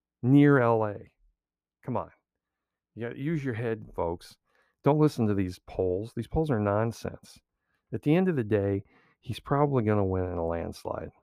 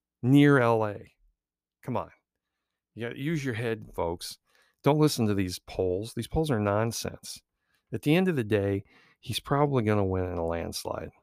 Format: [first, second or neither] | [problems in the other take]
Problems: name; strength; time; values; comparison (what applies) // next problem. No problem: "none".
second | muffled; slightly; fading above 2.5 kHz